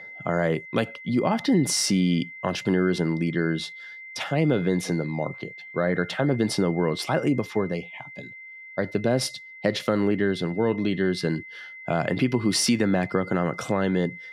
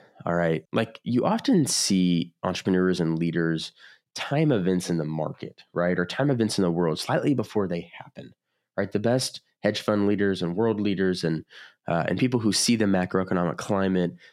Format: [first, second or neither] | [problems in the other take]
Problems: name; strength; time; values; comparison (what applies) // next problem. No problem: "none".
second | high-pitched whine; noticeable; throughout; 2 kHz, 15 dB below the speech